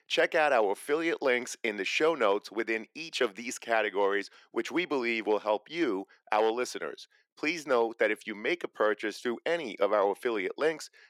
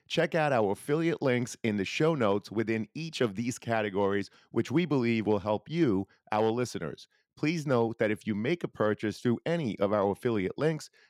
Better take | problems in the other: second | thin; somewhat; fading below 350 Hz

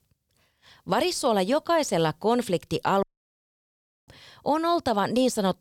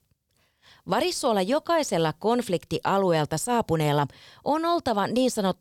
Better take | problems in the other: second | audio cutting out; at 3 s for 1 s

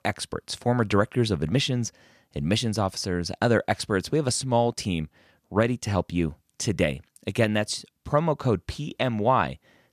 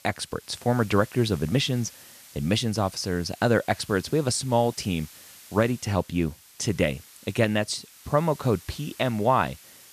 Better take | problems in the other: first | hiss; faint; throughout; 20 dB below the speech

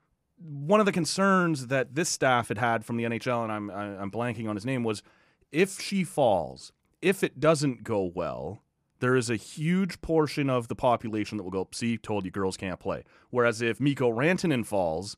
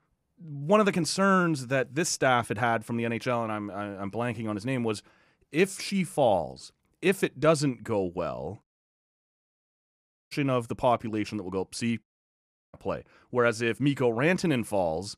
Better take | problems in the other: first | audio cutting out; at 8.5 s for 1.5 s and at 12 s for 0.5 s

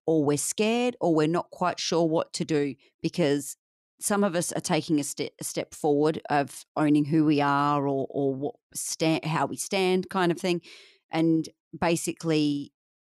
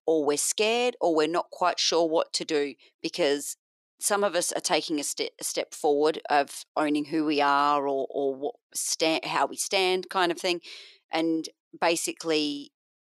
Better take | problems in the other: first | thin; somewhat; fading below 450 Hz

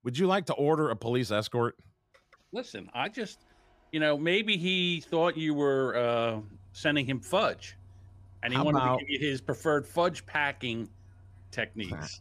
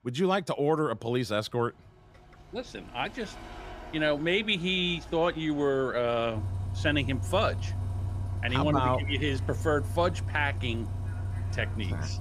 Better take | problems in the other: first | traffic noise; loud; throughout; 6 dB below the speech; faint in the first

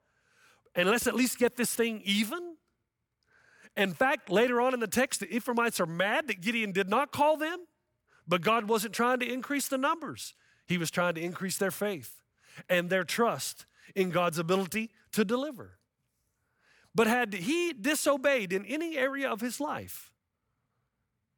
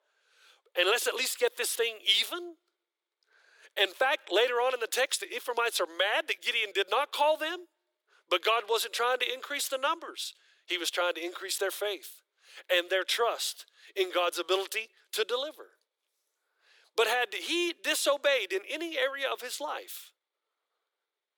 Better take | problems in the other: first | thin; very; fading below 350 Hz

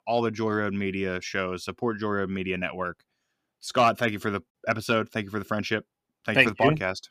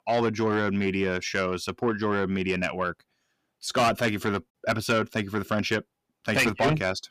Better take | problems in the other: first | distortion; heavy; 8 dB below the speech

